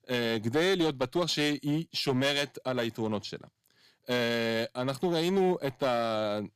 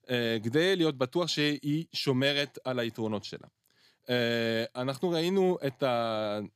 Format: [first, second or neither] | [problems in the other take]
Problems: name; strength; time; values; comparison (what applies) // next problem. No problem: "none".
second | distortion; slight; 7% of the sound clipped